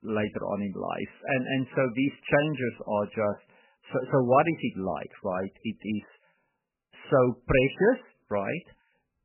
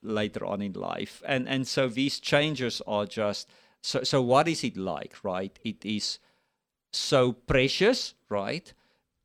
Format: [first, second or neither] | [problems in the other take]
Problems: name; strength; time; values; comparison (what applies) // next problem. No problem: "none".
second | garbled, watery; badly; nothing above 3 kHz